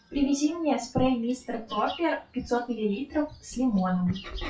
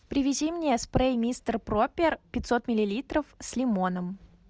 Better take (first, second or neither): second